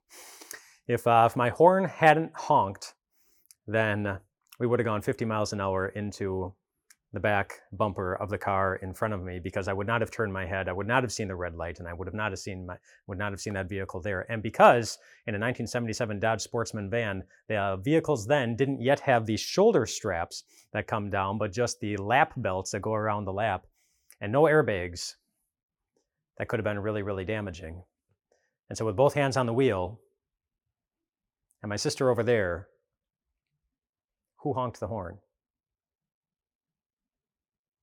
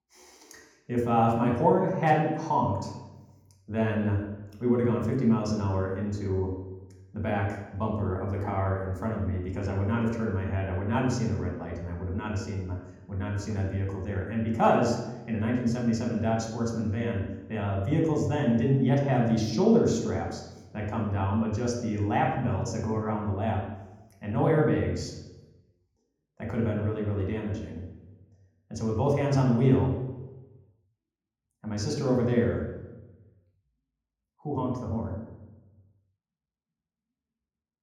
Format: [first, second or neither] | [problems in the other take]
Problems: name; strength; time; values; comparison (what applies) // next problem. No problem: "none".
first | room echo; noticeable; dies away in 1.4 s // off-mic speech; far